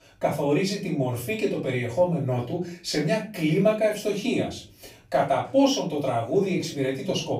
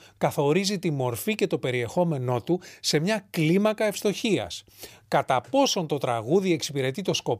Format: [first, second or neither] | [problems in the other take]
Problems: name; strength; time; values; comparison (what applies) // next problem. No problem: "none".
second | off-mic speech; far // room echo; slight; dies away in 0.3 s